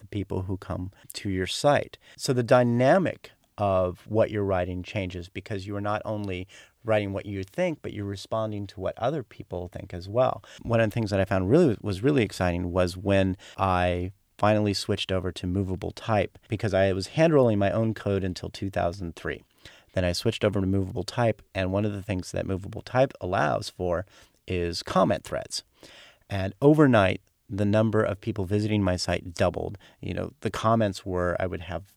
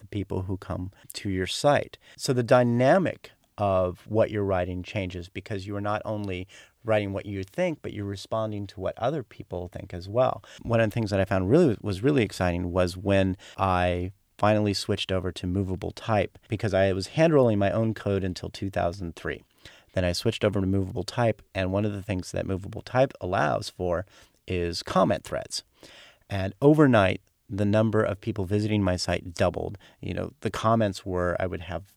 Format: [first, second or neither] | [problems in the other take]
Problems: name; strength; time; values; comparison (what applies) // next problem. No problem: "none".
neither | none